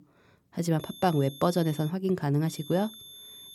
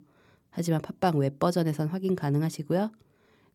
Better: second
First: high-pitched whine; noticeable; from 1 to 2 s and from 2.5 s on; 3.5 kHz, 15 dB below the speech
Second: none

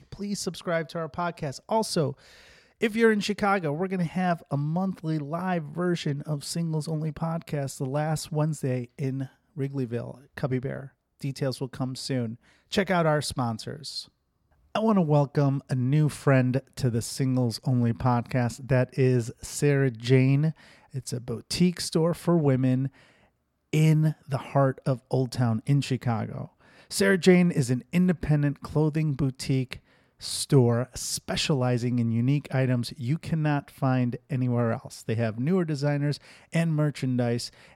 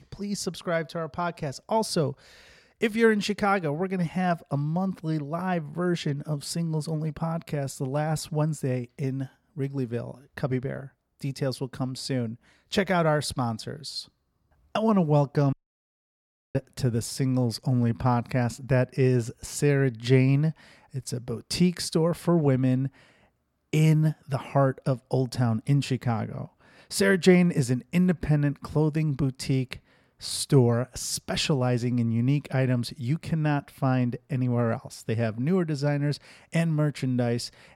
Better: first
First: none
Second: audio cutting out; at 16 s for 1 s

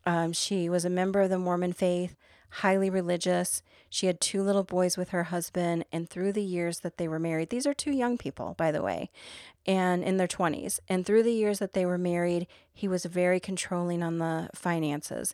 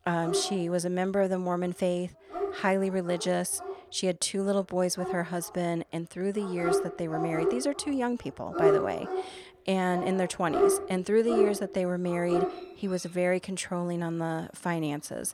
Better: first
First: none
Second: animal sounds; loud; throughout; 2 dB below the speech

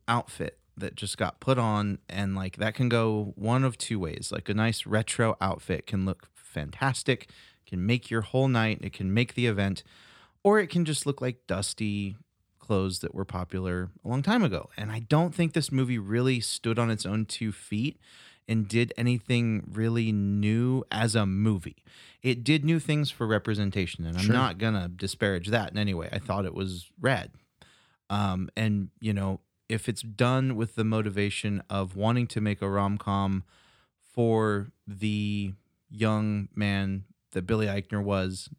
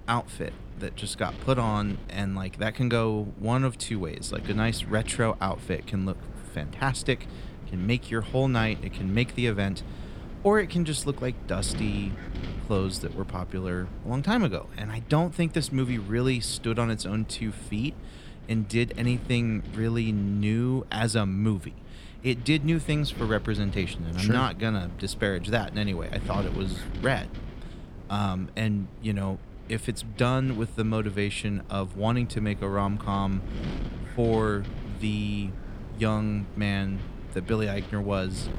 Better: first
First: none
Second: wind noise on the microphone; occasional gusts; 15 dB below the speech

